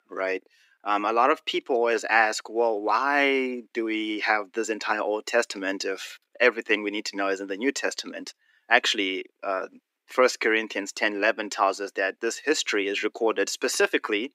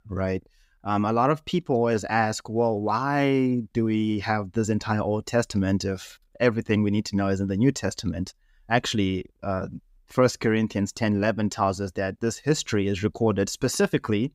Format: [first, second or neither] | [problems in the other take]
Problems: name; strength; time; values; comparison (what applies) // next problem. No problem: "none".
second | thin; somewhat; fading below 300 Hz